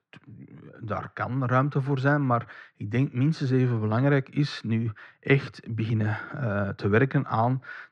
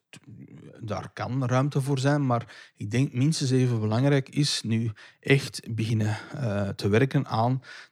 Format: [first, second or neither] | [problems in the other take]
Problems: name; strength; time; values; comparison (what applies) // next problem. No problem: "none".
second | muffled; slightly; fading above 2.5 kHz